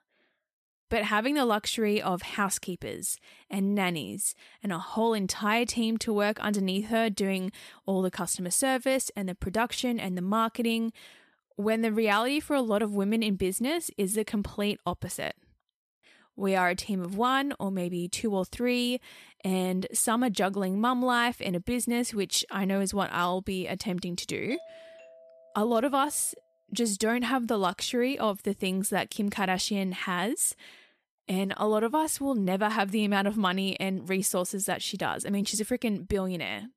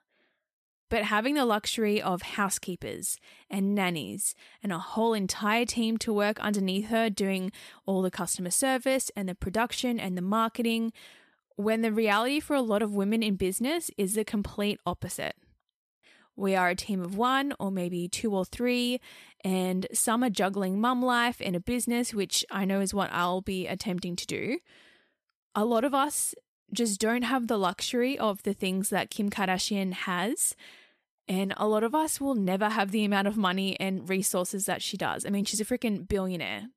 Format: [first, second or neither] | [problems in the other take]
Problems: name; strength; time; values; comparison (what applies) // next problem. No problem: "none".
second | doorbell; faint; from 25 to 26 s; peak 20 dB below the speech